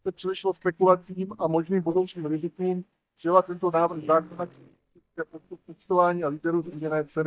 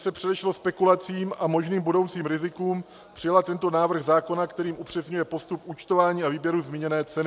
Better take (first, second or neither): second